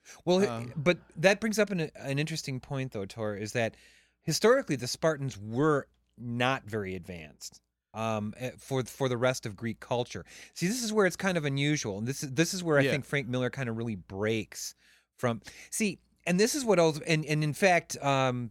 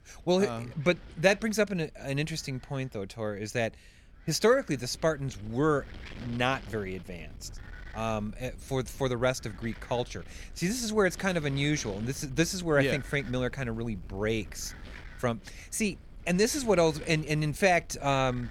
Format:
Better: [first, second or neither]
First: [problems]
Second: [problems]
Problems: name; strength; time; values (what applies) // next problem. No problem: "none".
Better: first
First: none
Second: wind noise on the microphone; occasional gusts; 20 dB below the speech